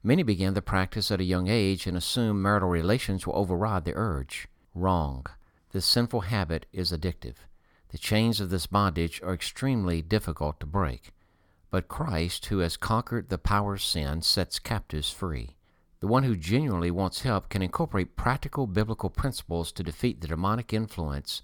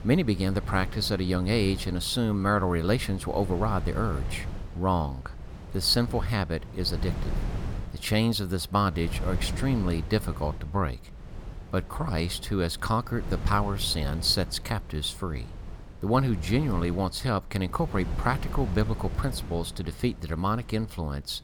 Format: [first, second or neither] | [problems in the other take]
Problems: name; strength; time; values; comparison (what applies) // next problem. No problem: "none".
first | wind noise on the microphone; occasional gusts; 15 dB below the speech